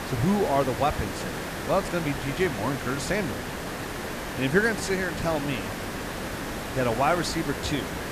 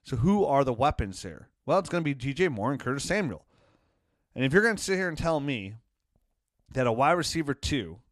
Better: second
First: hiss; loud; throughout; 5 dB below the speech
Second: none

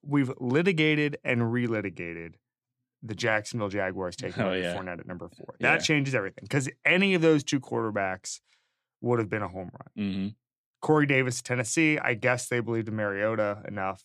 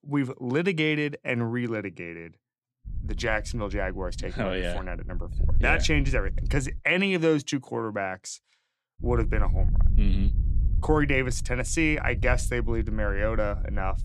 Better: first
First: none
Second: low rumble; faint; from 3 to 7 s and from 9 s on; 20 dB below the speech

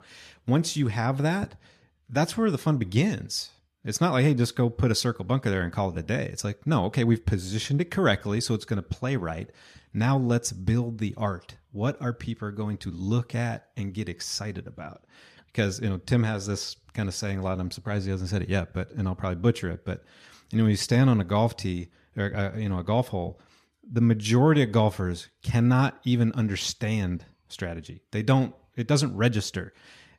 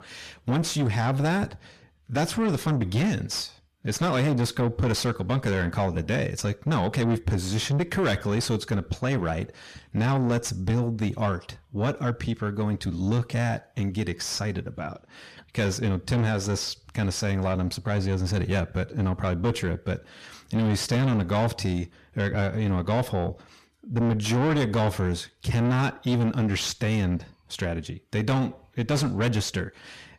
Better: first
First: none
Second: distortion; heavy; 6 dB below the speech

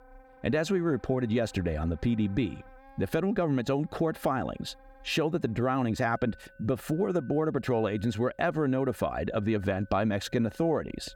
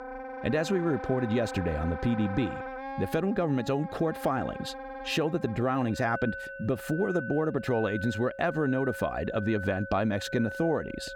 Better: first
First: background music; faint; throughout; 25 dB below the speech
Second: background music; loud; throughout; 10 dB below the speech

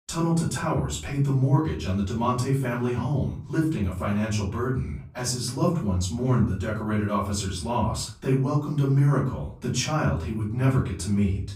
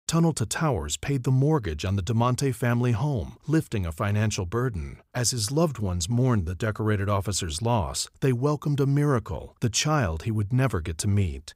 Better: second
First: off-mic speech; far // room echo; slight; dies away in 0.4 s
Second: none

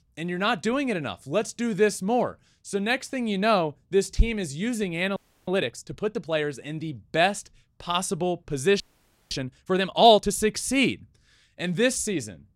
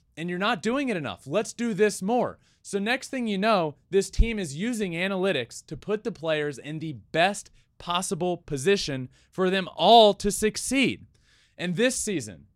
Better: second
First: audio freezing; at 5 s and at 9 s for 0.5 s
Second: none

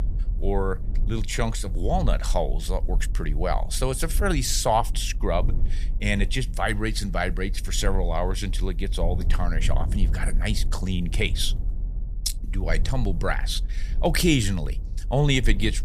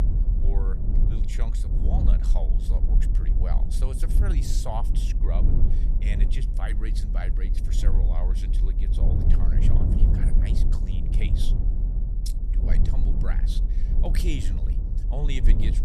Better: first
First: low rumble; faint; throughout; 20 dB below the speech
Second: low rumble; loud; throughout; 2 dB below the speech

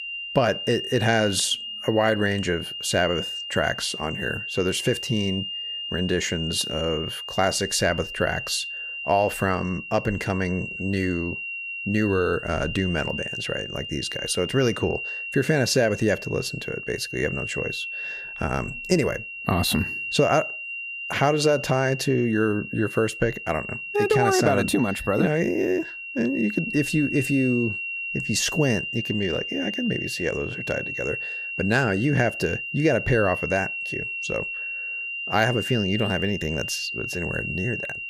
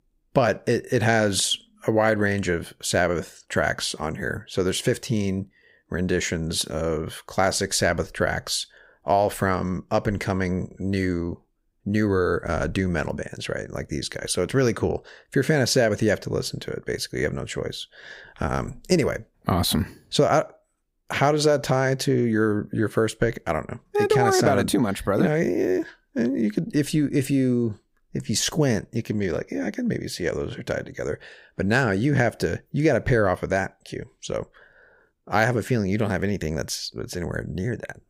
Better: second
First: high-pitched whine; loud; throughout; 2.5 kHz, 6 dB below the speech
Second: none

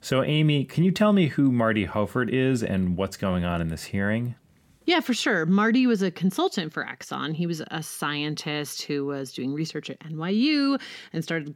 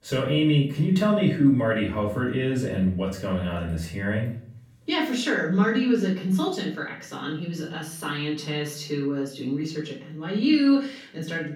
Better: first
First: none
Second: off-mic speech; far // room echo; slight; dies away in 0.5 s

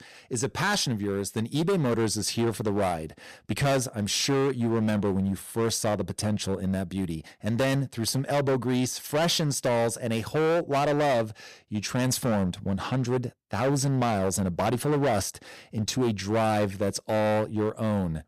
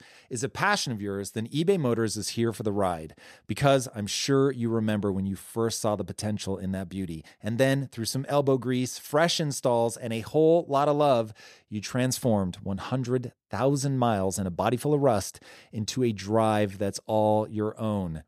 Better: second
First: distortion; heavy; 15% of the sound clipped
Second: none

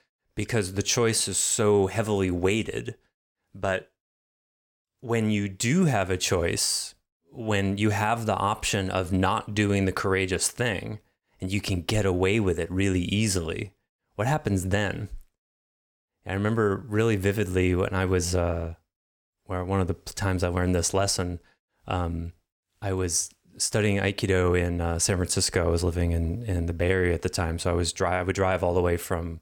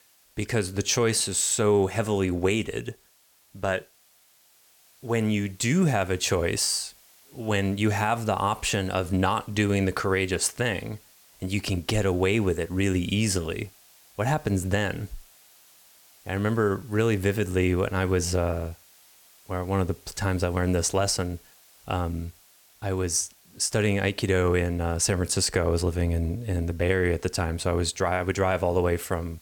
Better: first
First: none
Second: hiss; faint; throughout; 30 dB below the speech

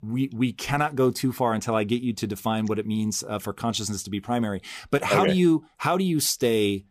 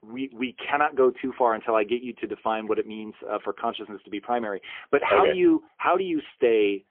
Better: first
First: none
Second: phone-call audio; poor line; nothing above 3.5 kHz

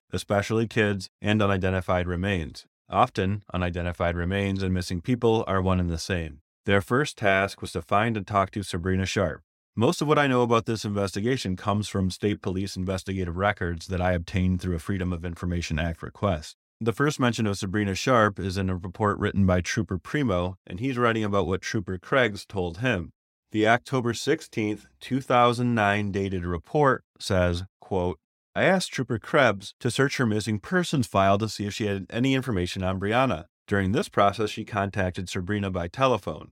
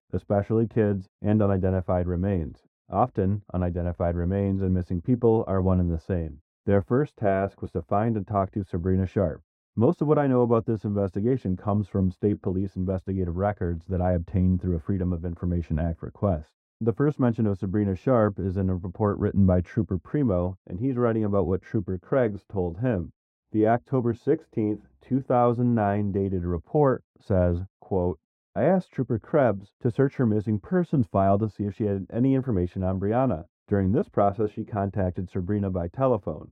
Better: first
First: none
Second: muffled; very; fading above 1.5 kHz

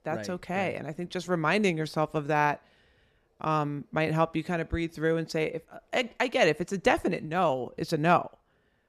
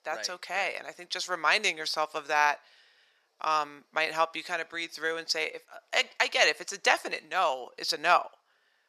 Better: first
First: none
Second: thin; very; fading below 850 Hz

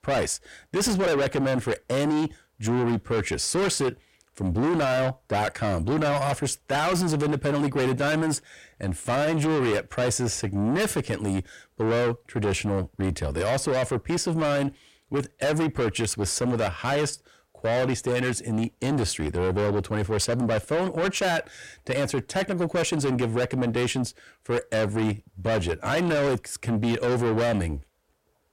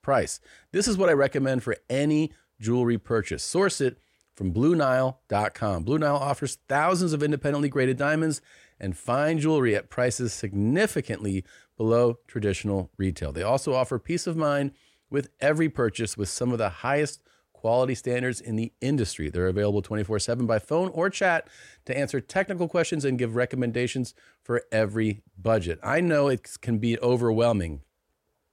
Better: second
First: distortion; heavy; 7 dB below the speech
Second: none

